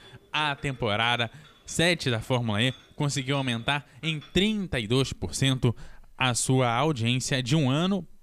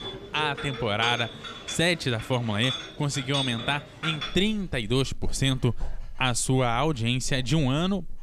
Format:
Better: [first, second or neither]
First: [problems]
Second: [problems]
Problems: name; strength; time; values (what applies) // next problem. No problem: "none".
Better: first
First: household noises; faint; throughout; 25 dB below the speech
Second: household noises; loud; throughout; 9 dB below the speech